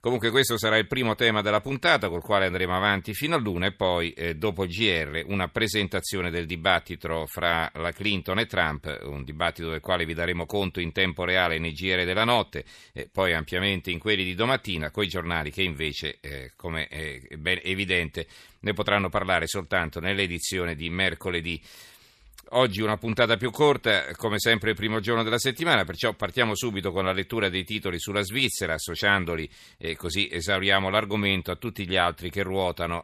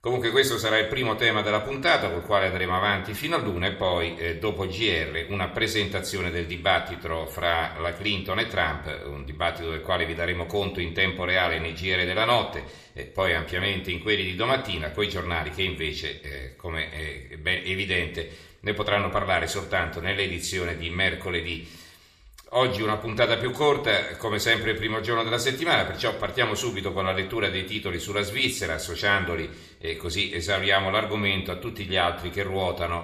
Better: first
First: none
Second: room echo; very slight; dies away in 0.6 s

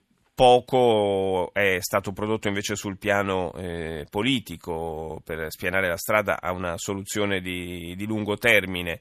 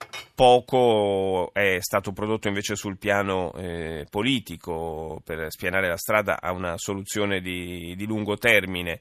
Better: first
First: none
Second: clattering dishes; faint; at the start; peak 15 dB below the speech

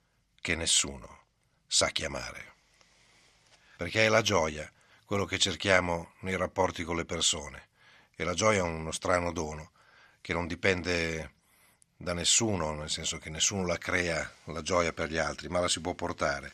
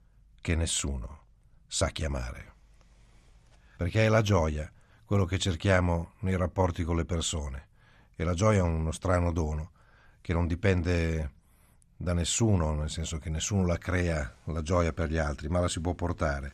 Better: second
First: thin; somewhat; fading below 450 Hz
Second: none

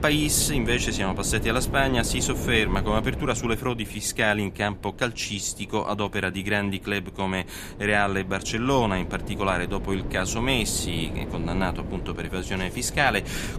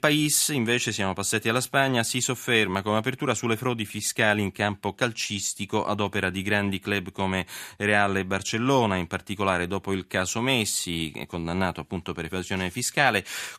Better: second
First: wind noise on the microphone; occasional gusts; 15 dB below the speech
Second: none

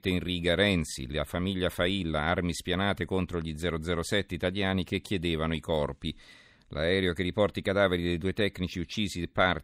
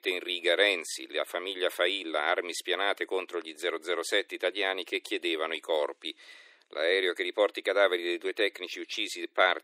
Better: first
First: none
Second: thin; very; fading below 350 Hz

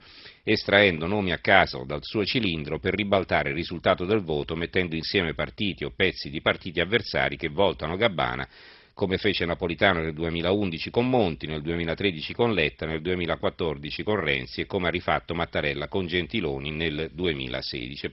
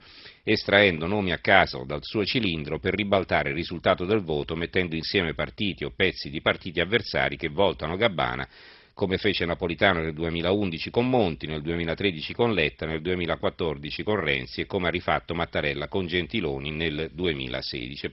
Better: neither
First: garbled, watery; badly; nothing above 5.5 kHz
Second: garbled, watery; badly; nothing above 5.5 kHz

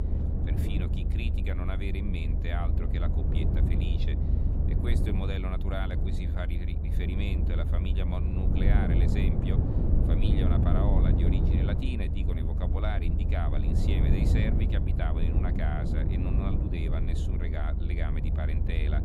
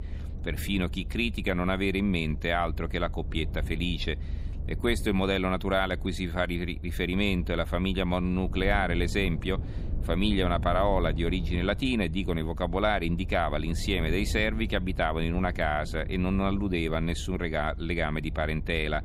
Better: second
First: low rumble; loud; throughout; as loud as the speech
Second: low rumble; faint; throughout; 20 dB below the speech

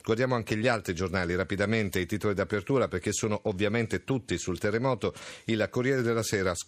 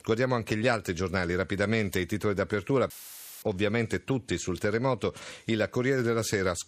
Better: first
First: none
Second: audio cutting out; filled with static; at 3 s for 0.5 s

